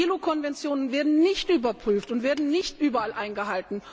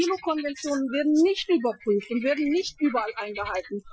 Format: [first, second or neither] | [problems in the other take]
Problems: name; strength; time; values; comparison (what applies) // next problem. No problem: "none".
first | noise reduction (classical method Wiener filter)